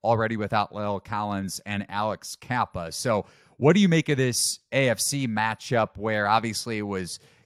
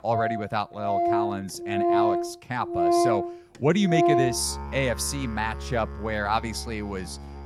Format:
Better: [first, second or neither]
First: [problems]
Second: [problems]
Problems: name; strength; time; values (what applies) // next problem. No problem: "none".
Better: first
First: none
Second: background music; very loud; throughout; 2 dB above the speech